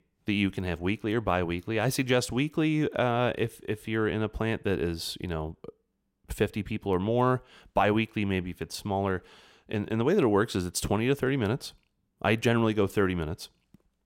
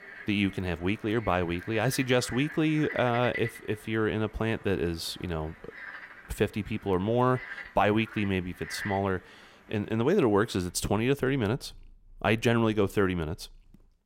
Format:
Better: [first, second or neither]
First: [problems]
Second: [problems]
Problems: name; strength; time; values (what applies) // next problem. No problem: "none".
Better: first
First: none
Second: animal sounds; noticeable; throughout; 15 dB below the speech